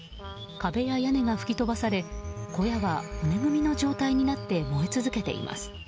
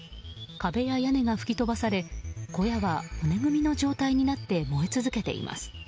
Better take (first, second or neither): second